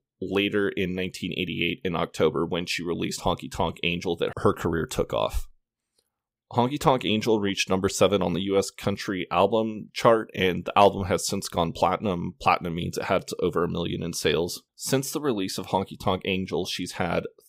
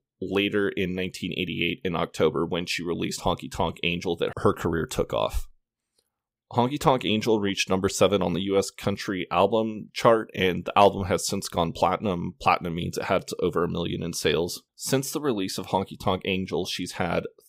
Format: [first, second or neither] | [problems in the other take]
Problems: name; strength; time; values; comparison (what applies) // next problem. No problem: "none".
neither | none